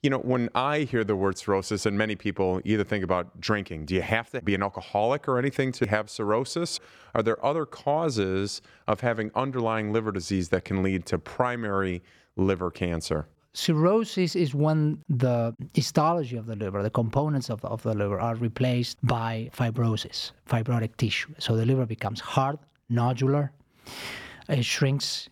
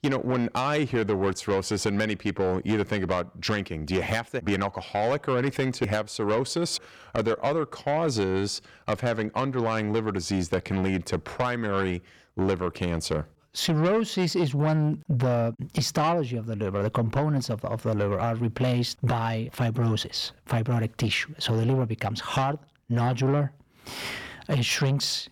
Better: first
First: none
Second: distortion; slight; 10 dB below the speech

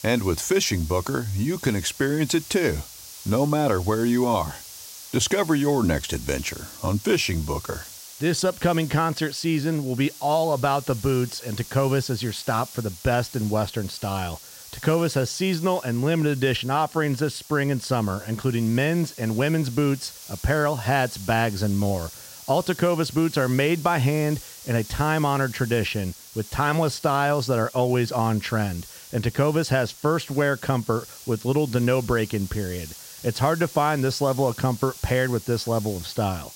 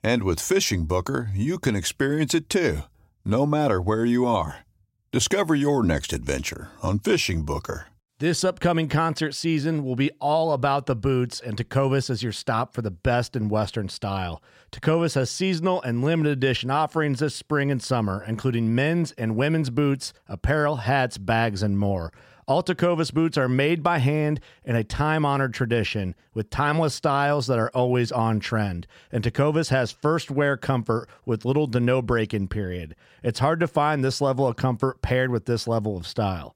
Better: second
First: hiss; noticeable; throughout; 15 dB below the speech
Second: none

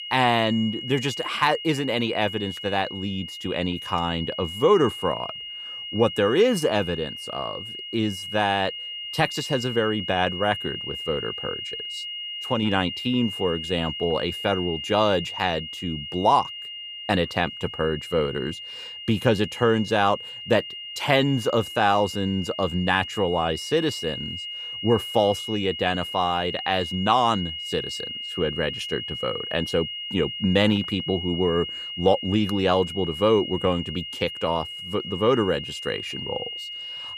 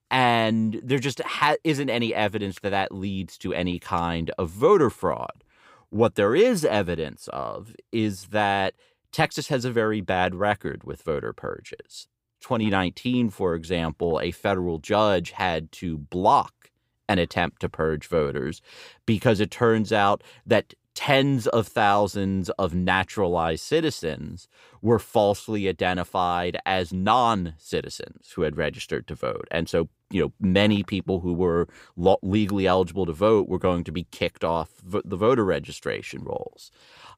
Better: second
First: high-pitched whine; loud; throughout; 3 kHz, 7 dB below the speech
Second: none

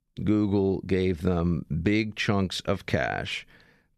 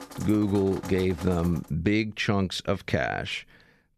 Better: first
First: none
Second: rain or running water; noticeable; until 1.5 s; 15 dB below the speech

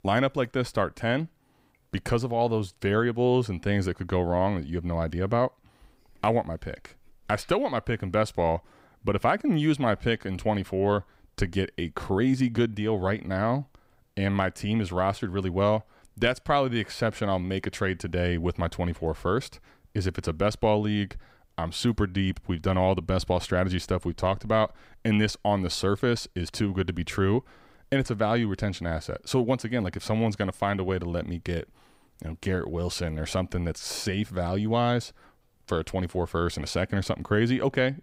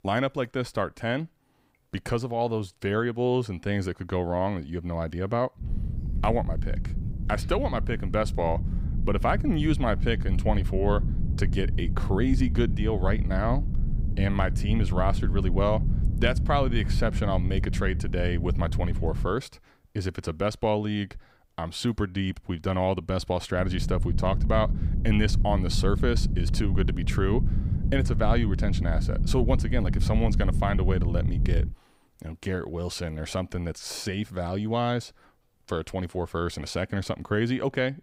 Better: first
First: none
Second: low rumble; noticeable; from 5.5 to 19 s and from 24 to 32 s; 10 dB below the speech

